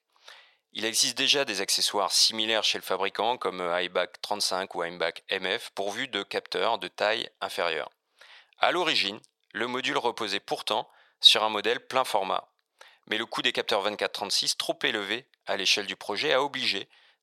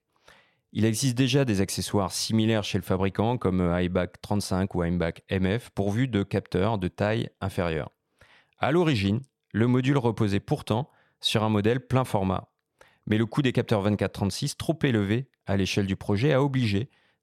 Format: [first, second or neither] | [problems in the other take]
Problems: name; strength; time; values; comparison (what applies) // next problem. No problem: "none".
second | thin; very; fading below 700 Hz